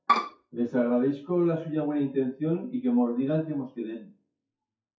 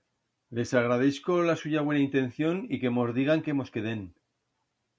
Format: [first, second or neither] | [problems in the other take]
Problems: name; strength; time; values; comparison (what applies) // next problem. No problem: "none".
second | noise reduction (classical method WPE with log-MMSE)